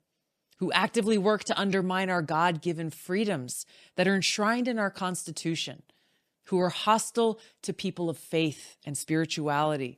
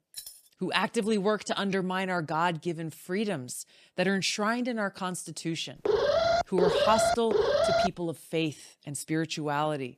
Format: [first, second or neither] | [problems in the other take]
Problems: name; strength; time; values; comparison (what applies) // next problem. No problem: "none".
first | jangling keys; faint; at the start; peak 10 dB below the speech // alarm; loud; from 6 to 8 s; peak 5 dB above the speech